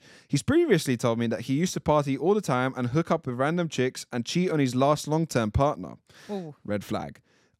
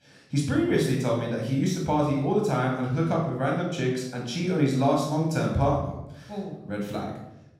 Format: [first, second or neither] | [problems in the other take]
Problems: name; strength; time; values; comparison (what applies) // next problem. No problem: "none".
first | off-mic speech; far // room echo; noticeable; dies away in 0.7 s